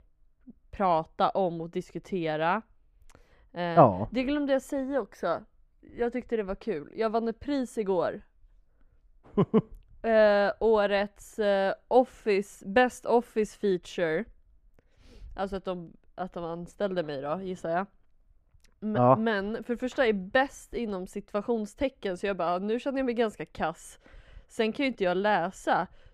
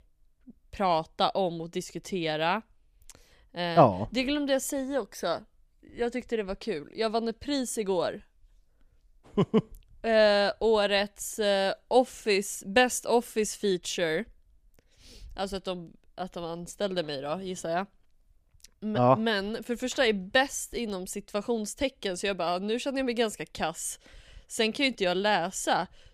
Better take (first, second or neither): second